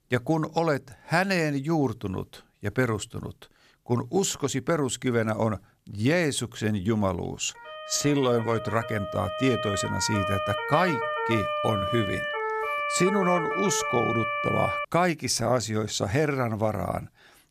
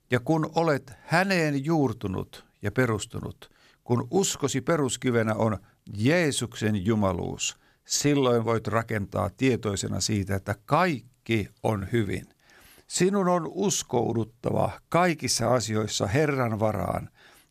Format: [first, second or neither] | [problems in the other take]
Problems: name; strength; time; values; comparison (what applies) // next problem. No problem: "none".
second | siren; noticeable; from 7.5 to 15 s; peak level with the speech